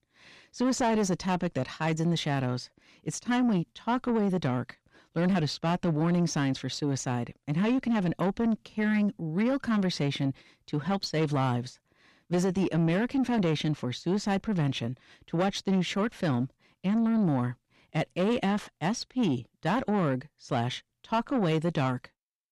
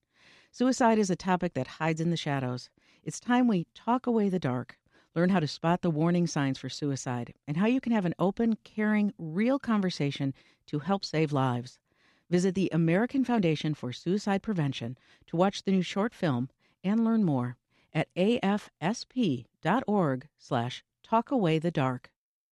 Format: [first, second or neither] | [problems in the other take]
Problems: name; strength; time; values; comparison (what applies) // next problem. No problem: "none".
second | distortion; slight; 10 dB below the speech